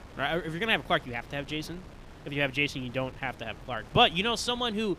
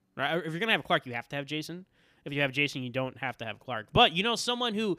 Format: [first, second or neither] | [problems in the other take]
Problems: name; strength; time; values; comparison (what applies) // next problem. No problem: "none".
second | wind noise on the microphone; occasional gusts; 25 dB below the speech